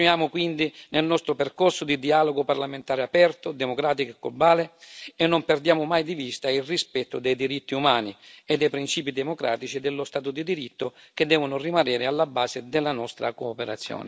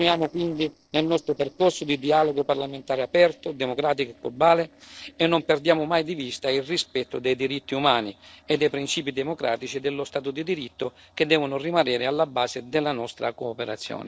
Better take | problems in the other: first | noise reduction (neural separator model SepFormer DNS4)

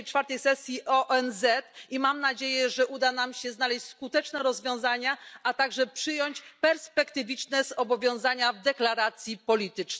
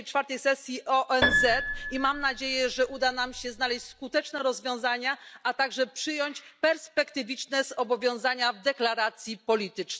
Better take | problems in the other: first | background sound (Piano); 3 dB below the speech

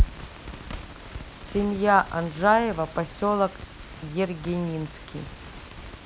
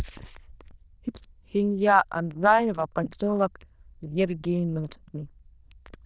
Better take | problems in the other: first | noise reduction (neural diffusion model UNIVERSE++)

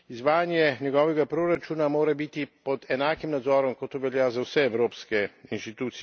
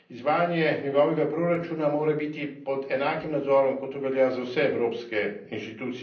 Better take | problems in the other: first | room echo; dies away in 0.6 s

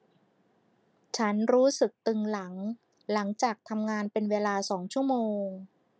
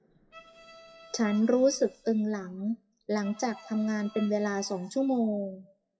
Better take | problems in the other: first | noise reduction (classical method WPE with log-MMSE)

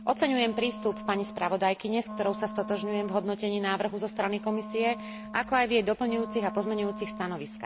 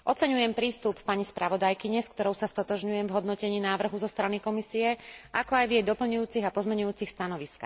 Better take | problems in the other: second | background sound (Wind instrument, woodwind instrument); 11 dB below the speech

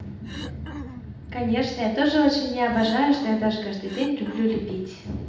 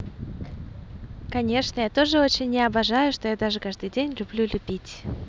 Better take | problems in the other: second | background sound (Cough); 15 dB below the speech // room echo; dies away in 0.8 s

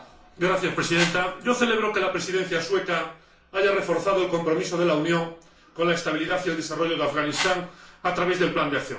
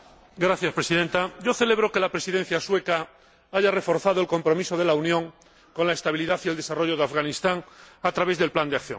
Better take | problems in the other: second | background sound (Whoosh, swoosh, swish); 7 dB below the speech // room echo; dies away in 0.4 s

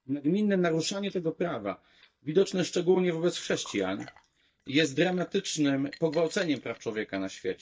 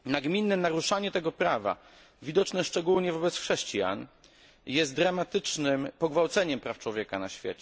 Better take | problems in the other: second | noise reduction (neural mask model DeepFilterNet 3)

